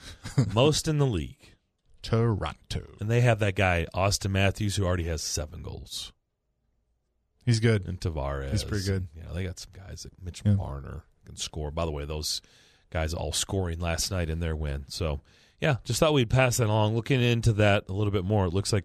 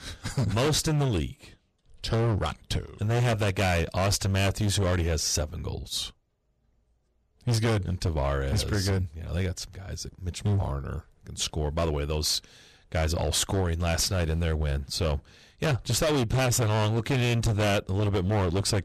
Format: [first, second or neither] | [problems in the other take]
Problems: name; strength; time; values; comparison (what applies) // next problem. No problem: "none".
first | distortion; heavy; 16% of the sound clipped